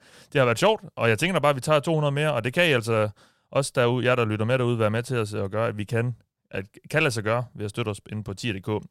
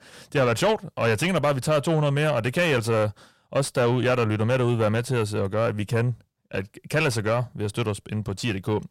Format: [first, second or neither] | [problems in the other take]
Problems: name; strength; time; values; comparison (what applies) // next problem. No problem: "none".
first | distortion; slight; 10 dB below the speech